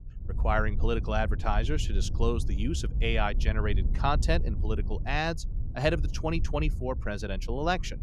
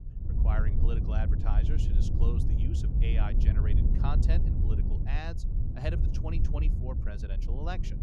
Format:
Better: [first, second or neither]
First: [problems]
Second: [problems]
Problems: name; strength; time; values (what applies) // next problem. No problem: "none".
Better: first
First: wind noise on the microphone; occasional gusts; 15 dB below the speech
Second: wind noise on the microphone; heavy; 2 dB below the speech